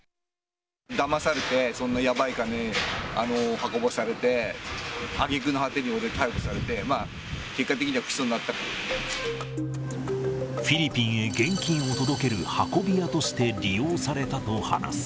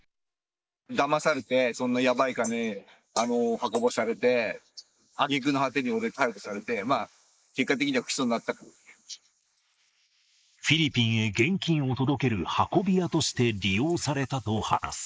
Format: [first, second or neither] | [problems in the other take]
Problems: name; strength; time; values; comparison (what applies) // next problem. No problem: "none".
first | noise reduction (neural mask model Resemble Enhance denoiser)